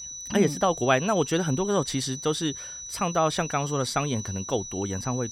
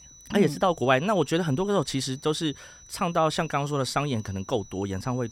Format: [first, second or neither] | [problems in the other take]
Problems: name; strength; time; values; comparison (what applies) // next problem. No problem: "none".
second | high-pitched whine; loud; throughout; 6 kHz, 9 dB below the speech; faint in the second